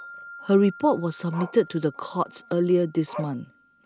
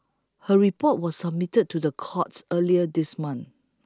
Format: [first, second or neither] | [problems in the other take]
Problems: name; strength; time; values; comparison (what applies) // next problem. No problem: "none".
second | background sound (Growling + Wind chime); 17 dB below the speech